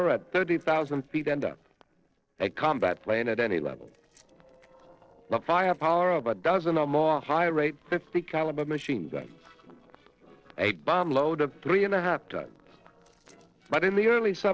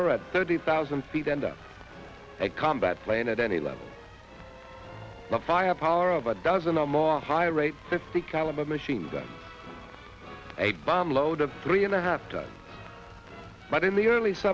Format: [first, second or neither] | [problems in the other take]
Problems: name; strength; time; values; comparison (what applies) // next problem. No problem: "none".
second | noise reduction (neural separator model SepFormer DNS4)